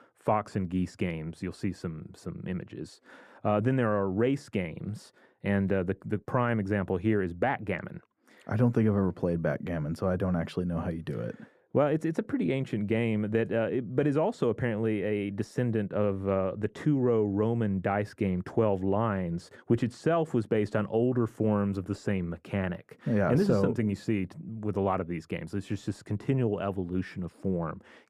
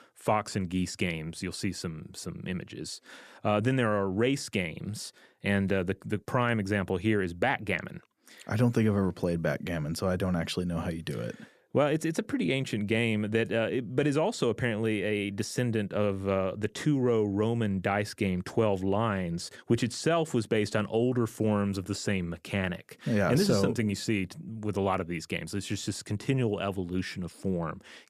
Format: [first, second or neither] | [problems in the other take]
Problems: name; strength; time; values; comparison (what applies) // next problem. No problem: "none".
second | muffled; slightly; fading above 2.5 kHz